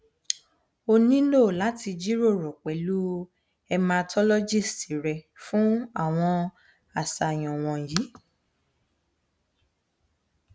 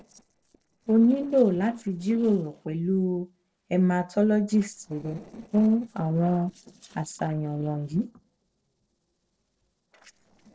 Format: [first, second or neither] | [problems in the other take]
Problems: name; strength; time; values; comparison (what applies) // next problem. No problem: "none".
first | noise reduction (neural separator model SepFormer DNS4)